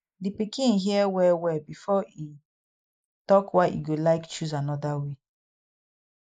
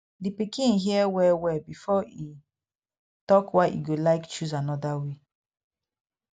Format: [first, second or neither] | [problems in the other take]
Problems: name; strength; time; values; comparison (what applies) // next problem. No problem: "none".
second | noise reduction (neural mask model Resemble Enhance denoiser)